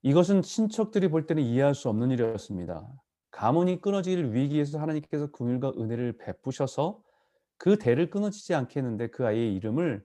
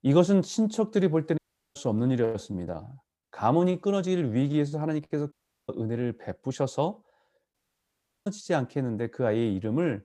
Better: first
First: none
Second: audio cutting out; at 1.5 s, at 5.5 s and at 7.5 s for 0.5 s

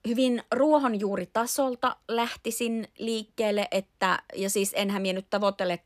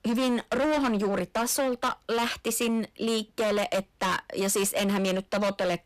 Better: first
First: none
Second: distortion; heavy; 23% of the sound clipped

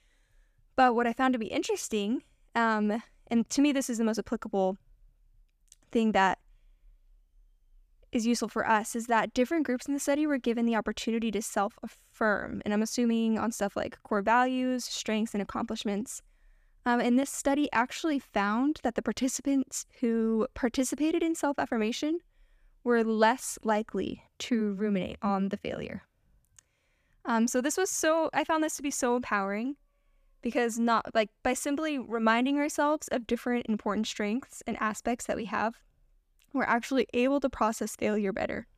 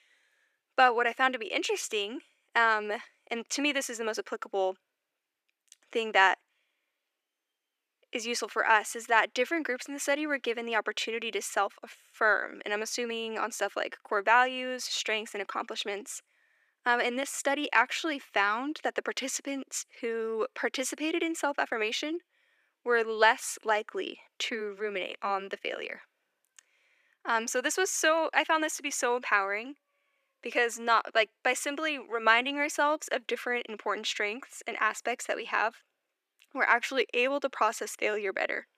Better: first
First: none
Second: thin; somewhat; fading below 350 Hz

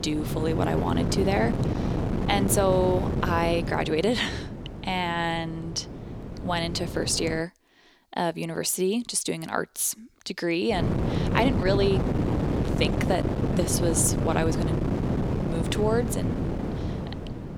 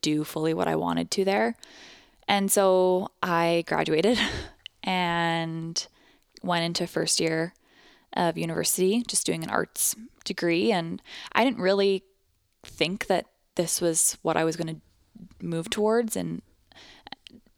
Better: second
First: wind noise on the microphone; heavy; until 7.5 s and from 11 s on; 6 dB below the speech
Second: none

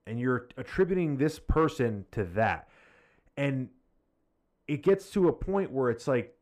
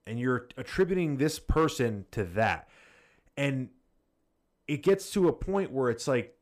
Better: second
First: muffled; slightly; fading above 3 kHz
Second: none

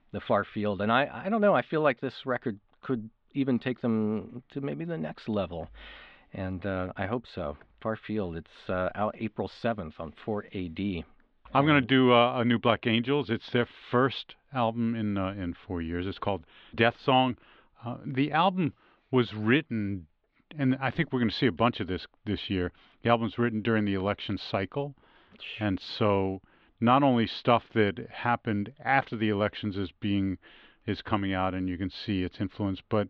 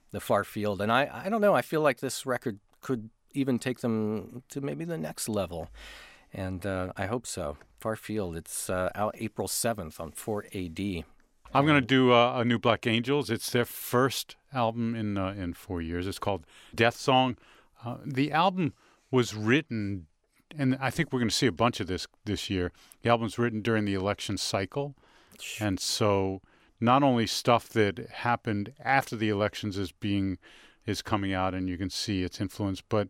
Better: second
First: muffled; slightly; fading above 3.5 kHz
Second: none

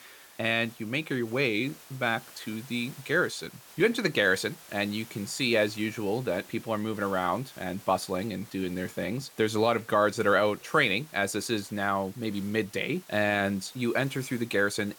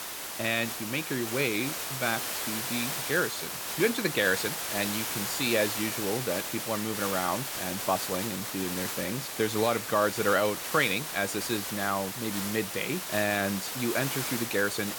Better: first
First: hiss; faint; throughout; 20 dB below the speech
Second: hiss; loud; throughout; 2 dB below the speech

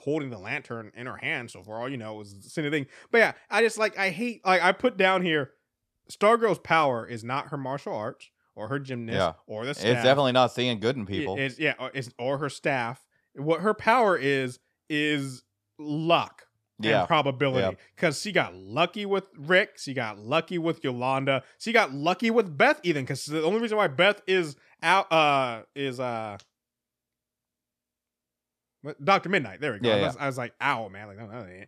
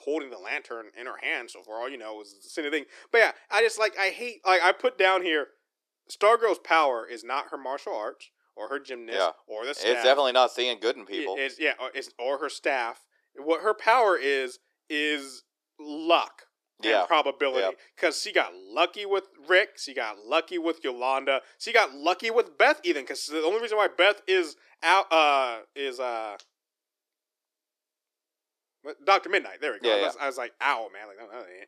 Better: first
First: none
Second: thin; somewhat; fading below 350 Hz

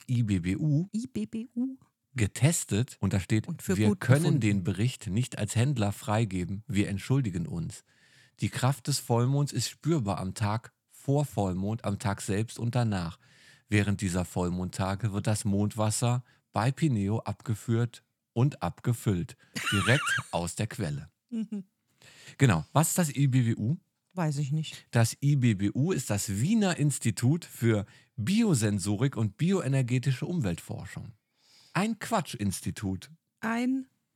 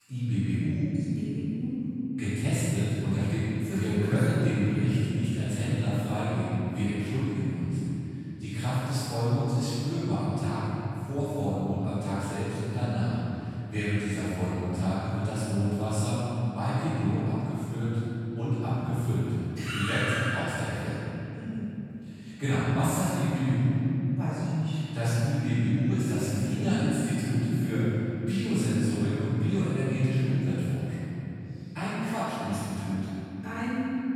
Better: first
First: none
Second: room echo; strong; dies away in 3 s // off-mic speech; far

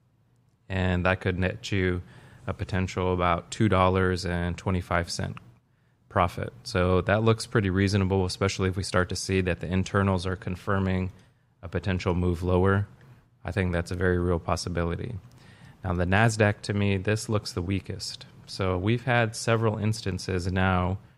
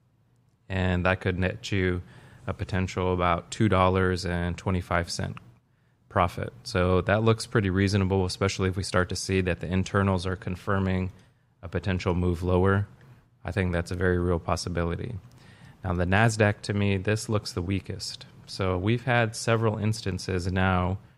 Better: neither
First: none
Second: none

